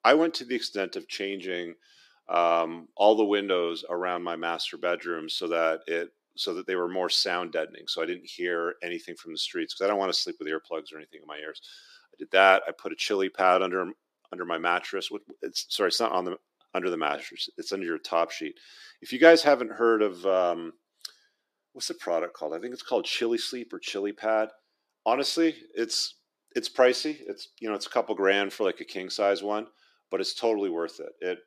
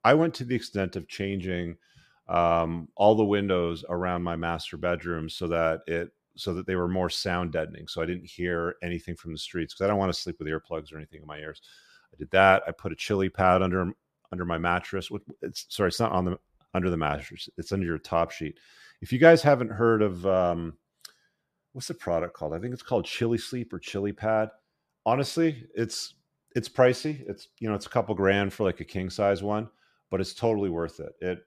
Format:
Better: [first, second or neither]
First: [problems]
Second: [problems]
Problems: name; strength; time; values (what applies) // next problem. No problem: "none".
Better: second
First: thin; somewhat; fading below 300 Hz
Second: none